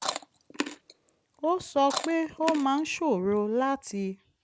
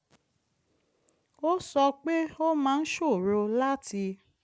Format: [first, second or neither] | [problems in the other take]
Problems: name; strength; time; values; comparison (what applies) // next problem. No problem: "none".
second | background sound (Chewing, mastication); 9 dB below the speech